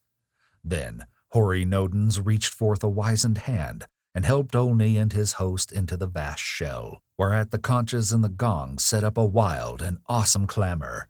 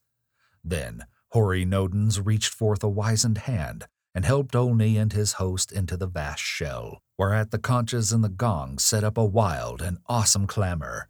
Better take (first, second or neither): second